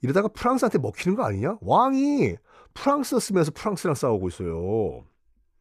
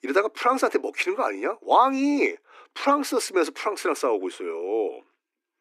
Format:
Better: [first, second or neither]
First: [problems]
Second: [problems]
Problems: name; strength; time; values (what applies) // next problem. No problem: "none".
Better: first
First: none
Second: thin; very slightly; fading below 300 Hz